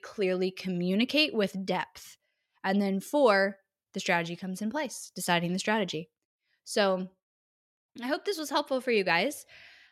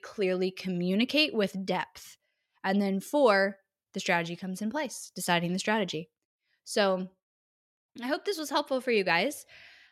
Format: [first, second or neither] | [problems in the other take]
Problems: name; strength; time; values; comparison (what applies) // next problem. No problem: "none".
neither | none